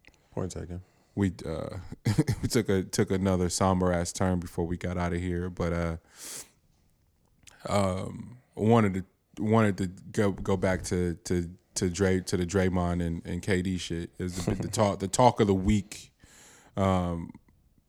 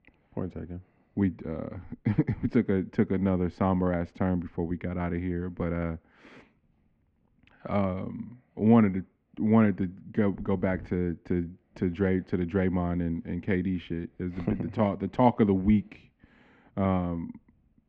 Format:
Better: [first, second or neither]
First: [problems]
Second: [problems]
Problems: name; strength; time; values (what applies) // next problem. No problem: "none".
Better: first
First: none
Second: muffled; very; fading above 2.5 kHz